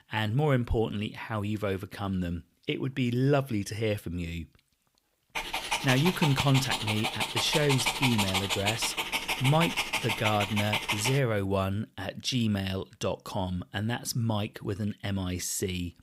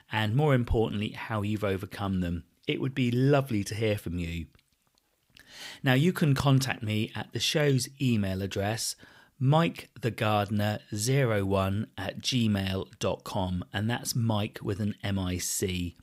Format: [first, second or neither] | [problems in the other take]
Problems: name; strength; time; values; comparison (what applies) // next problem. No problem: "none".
second | dog barking; loud; from 5.5 to 11 s; peak 3 dB above the speech